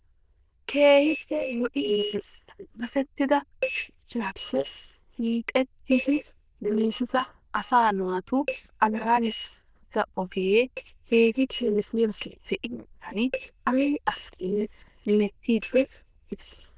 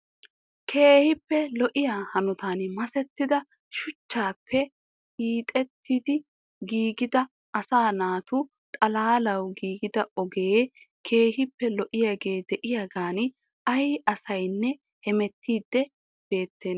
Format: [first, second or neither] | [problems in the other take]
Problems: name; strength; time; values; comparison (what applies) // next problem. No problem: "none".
second | noise reduction (neural diffusion model UNIVERSE++)